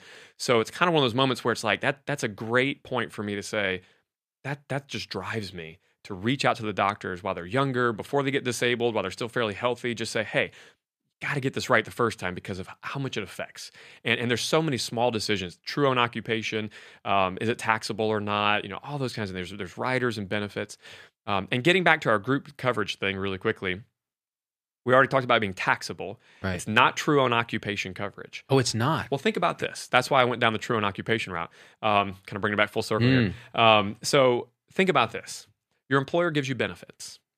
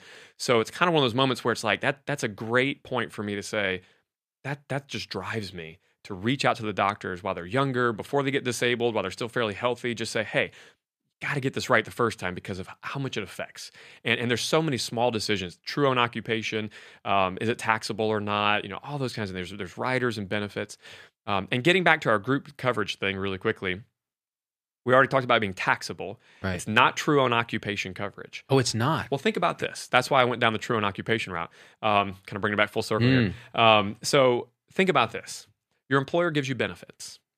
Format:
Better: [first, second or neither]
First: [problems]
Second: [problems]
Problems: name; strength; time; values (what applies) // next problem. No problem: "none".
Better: neither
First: none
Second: none